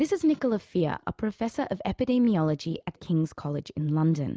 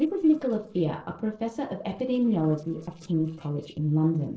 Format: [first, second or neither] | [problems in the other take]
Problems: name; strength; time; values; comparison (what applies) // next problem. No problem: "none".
first | noise reduction (neural separator model SepFormer DNS4)